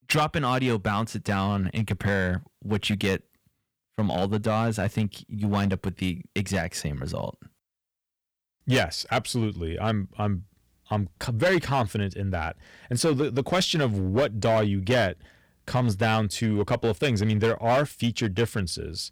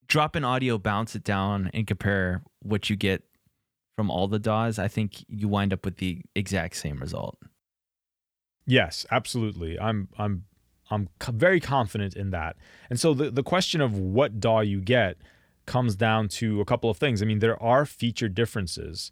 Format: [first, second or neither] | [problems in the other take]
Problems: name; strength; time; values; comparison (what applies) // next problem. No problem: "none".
second | distortion; slight; 5% of the sound clipped